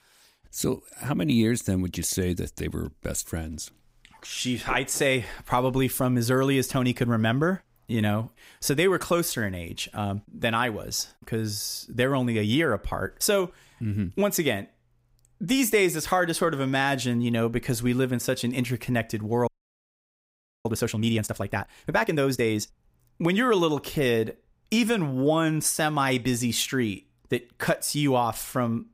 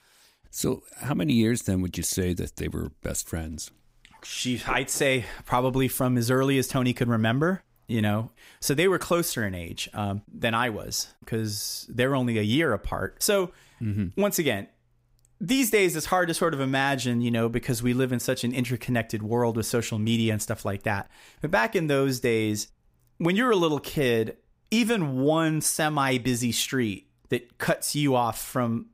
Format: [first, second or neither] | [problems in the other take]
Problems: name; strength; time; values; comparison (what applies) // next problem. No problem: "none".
second | audio freezing; at 19 s for 1 s